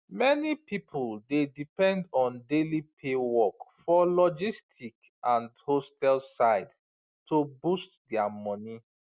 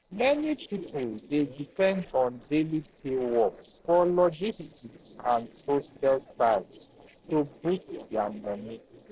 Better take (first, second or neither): first